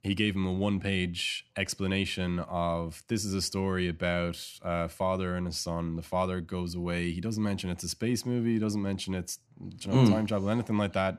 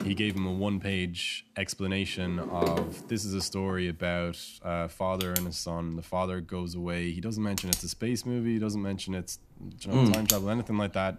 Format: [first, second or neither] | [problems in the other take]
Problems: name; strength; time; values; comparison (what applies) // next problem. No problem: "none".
first | household noises; loud; throughout; 2 dB below the speech